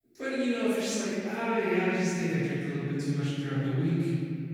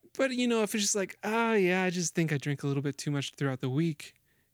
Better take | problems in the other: second | off-mic speech; far // room echo; strong; dies away in 3 s

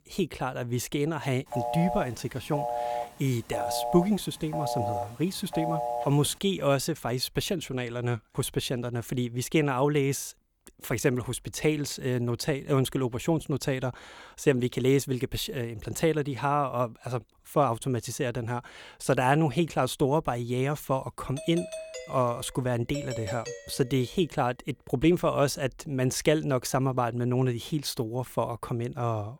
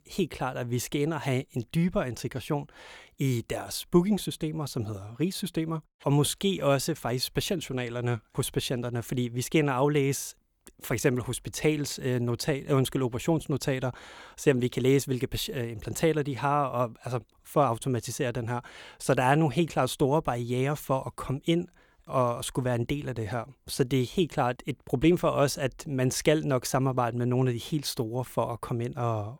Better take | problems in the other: second | phone ringing; noticeable; from 1.5 to 6 s; peak 2 dB below the speech // doorbell; noticeable; from 21 to 24 s; peak 9 dB below the speech

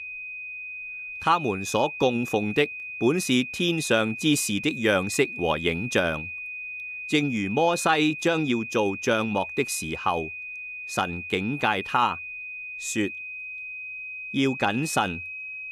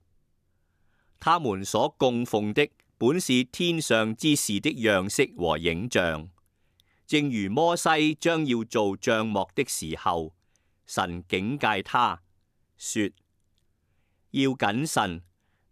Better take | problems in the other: second | high-pitched whine; loud; throughout; 2.5 kHz, 8 dB below the speech

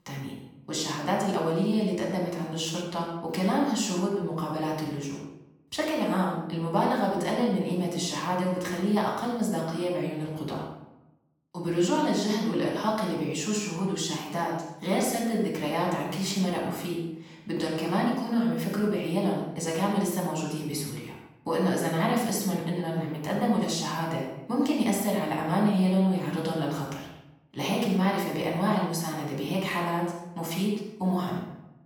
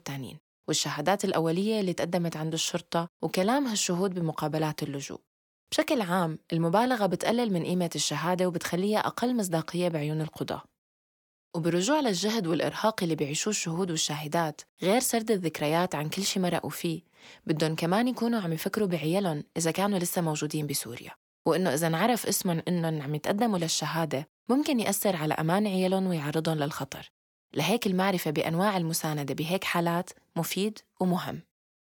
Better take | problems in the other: second | off-mic speech; far // room echo; noticeable; dies away in 0.7 s

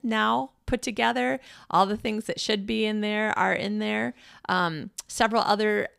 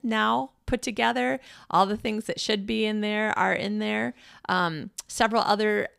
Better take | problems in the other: neither | none

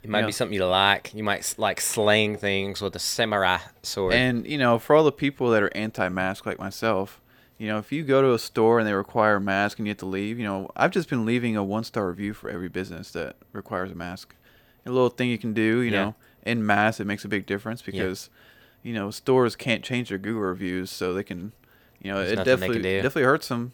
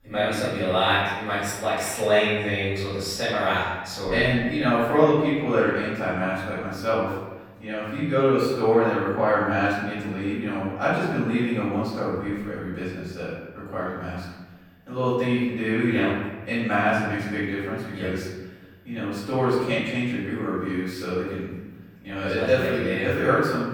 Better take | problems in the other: first | off-mic speech; far // room echo; strong; dies away in 1.2 s

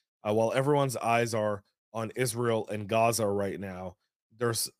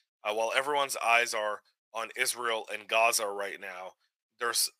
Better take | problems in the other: first | thin; very; fading below 800 Hz

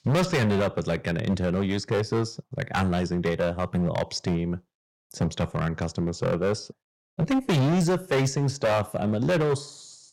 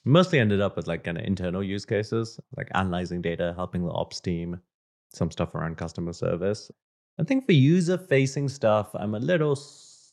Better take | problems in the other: second | distortion; heavy; 14% of the sound clipped

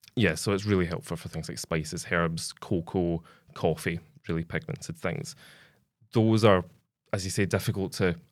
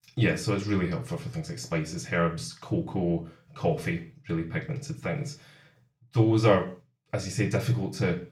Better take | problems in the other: first | room echo; slight; dies away in 0.3 s // off-mic speech; far

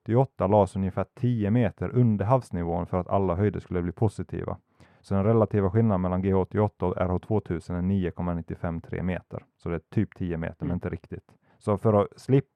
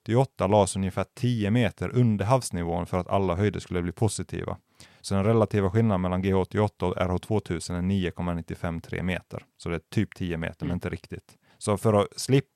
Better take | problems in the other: second | muffled; very; fading above 2.5 kHz

